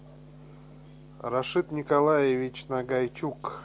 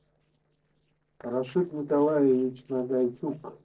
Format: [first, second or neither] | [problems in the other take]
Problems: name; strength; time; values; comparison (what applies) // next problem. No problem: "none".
first | noise reduction (neural separator model SepFormer DNS4)